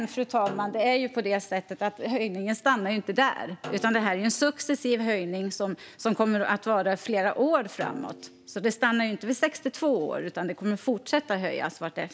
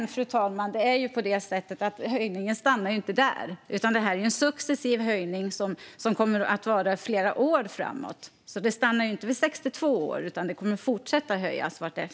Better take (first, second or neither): second